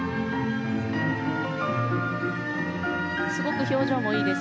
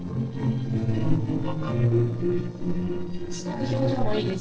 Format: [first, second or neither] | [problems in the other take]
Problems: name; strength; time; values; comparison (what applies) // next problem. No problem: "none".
first | noise reduction (neural separator model SepFormer DNS4)